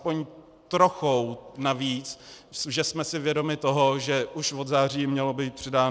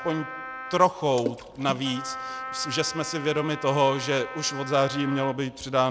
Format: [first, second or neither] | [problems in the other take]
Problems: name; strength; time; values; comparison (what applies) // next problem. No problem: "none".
first | background sound (Wind instrument, woodwind instrument + Water / Splash, splatter); 11 dB below the speech